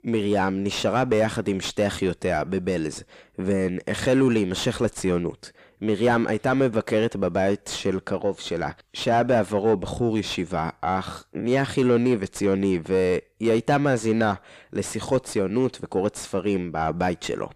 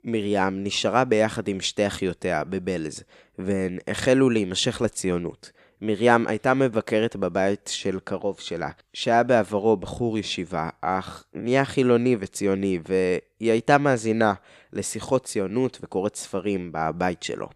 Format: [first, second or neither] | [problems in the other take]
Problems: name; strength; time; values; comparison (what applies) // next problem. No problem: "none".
second | distortion; slight; 10 dB below the speech